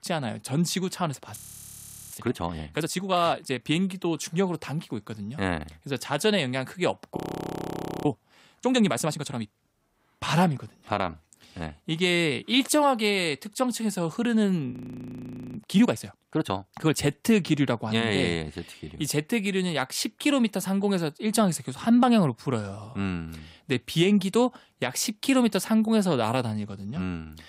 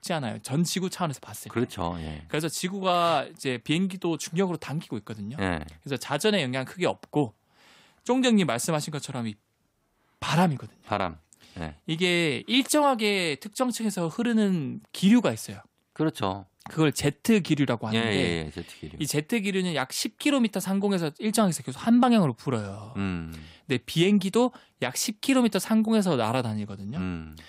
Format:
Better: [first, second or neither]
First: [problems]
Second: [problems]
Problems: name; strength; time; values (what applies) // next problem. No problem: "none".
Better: second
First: audio freezing; at 1.5 s for 1 s, at 7 s for 1 s and at 15 s for 1 s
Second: none